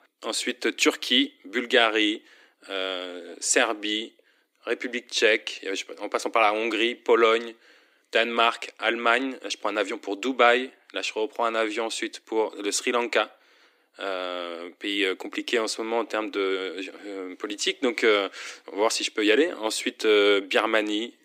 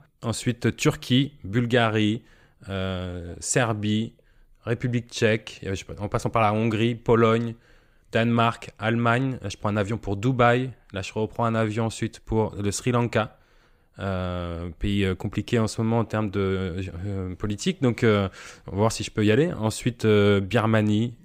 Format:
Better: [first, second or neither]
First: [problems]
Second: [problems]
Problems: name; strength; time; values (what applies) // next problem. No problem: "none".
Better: second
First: thin; somewhat; fading below 250 Hz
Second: none